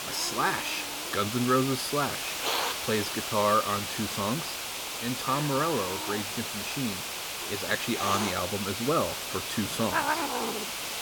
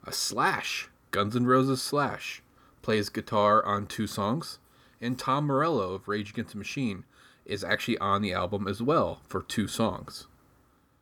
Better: second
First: hiss; loud; throughout; 1 dB below the speech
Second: none

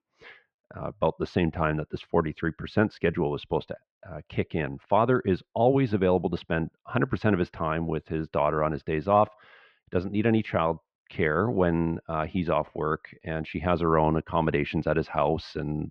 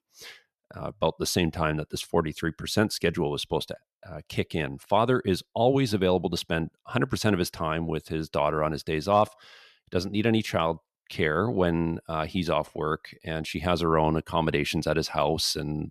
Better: second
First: muffled; very; fading above 2.5 kHz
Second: none

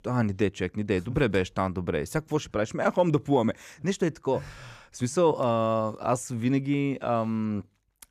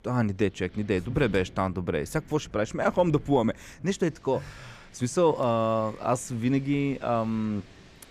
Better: first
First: none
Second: wind in the background; faint; throughout; 20 dB below the speech

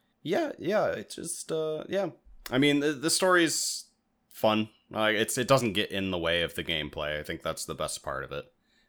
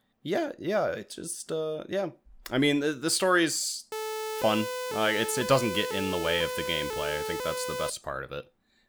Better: first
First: none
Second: siren; noticeable; from 4 to 8 s; peak 4 dB below the speech

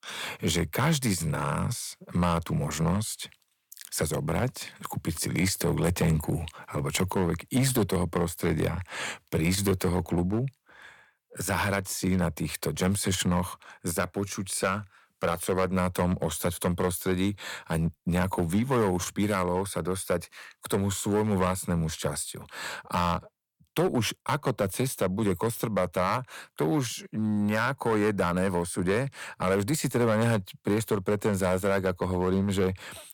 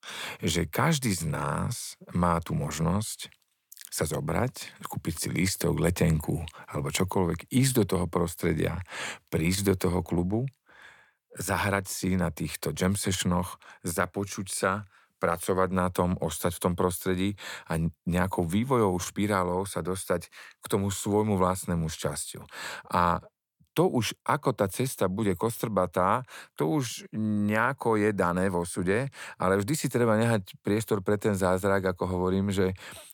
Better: second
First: distortion; slight; 5% of the sound clipped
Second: none

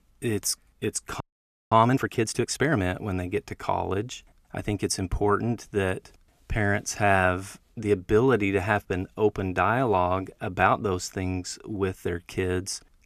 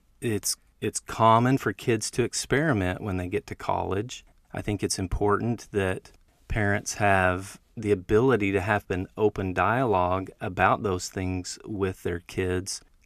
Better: second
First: audio freezing; at 1 s for 0.5 s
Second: none

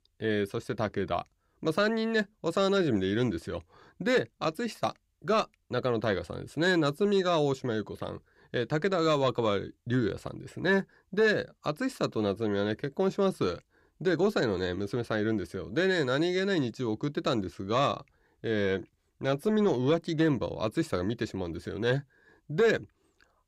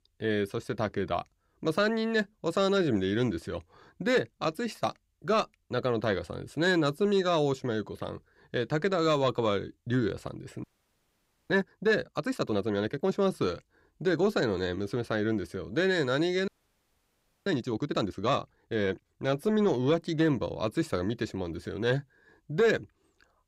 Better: first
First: none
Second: audio freezing; at 11 s for 1 s and at 16 s for 1 s

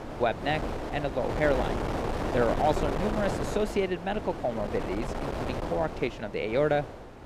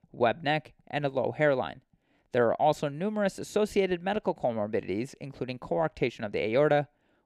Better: second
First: wind noise on the microphone; heavy; 5 dB below the speech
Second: none

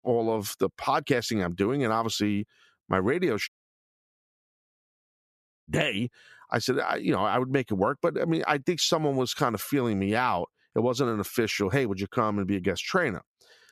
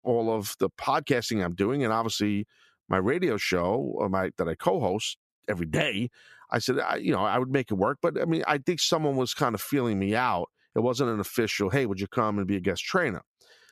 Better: second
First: audio cutting out; at 3.5 s for 2 s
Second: none

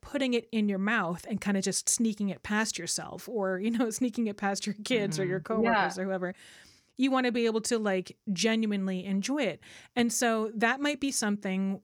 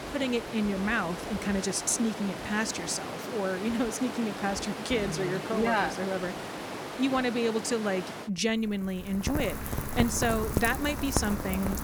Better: first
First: none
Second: rain or running water; loud; throughout; 6 dB below the speech

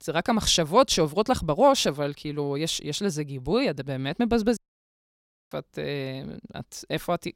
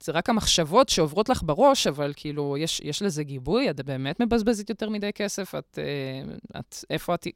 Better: second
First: audio cutting out; at 4.5 s for 1 s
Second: none

